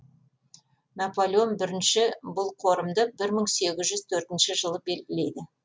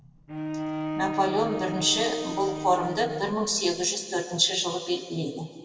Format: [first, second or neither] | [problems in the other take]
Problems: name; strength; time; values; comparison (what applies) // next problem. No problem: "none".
first | background sound (Bowed string instrument); 6 dB below the speech // room echo; dies away in 2.6 s